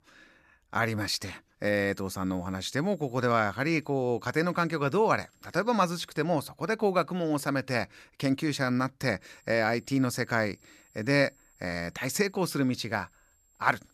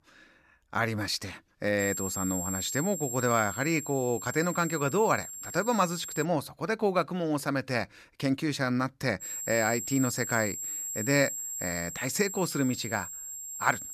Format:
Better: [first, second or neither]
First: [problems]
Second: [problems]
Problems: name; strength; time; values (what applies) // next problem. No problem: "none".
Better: first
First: high-pitched whine; faint; from 2 to 6 s and from 9 s on; 7.5 kHz, 35 dB below the speech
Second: high-pitched whine; loud; from 2 to 6 s and from 9 s on; 7.5 kHz, 5 dB below the speech